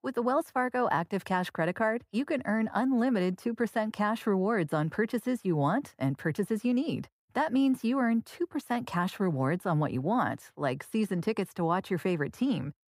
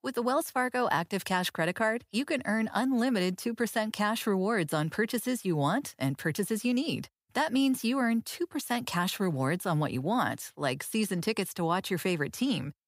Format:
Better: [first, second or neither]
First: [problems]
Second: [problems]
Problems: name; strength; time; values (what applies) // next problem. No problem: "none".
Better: second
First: muffled; slightly; fading above 2.5 kHz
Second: none